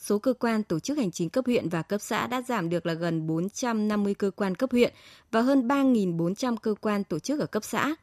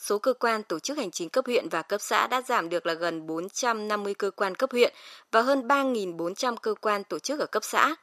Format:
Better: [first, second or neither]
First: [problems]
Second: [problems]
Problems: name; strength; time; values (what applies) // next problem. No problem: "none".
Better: first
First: none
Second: thin; somewhat; fading below 500 Hz